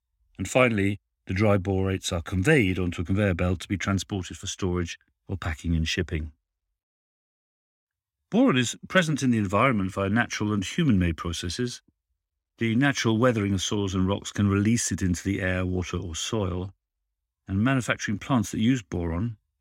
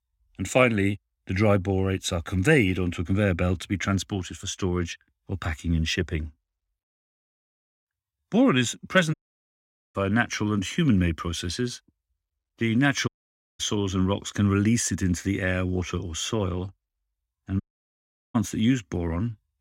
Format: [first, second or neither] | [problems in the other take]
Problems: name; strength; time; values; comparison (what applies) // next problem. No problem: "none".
first | audio cutting out; at 9 s for 1 s, at 13 s for 0.5 s and at 18 s for 0.5 s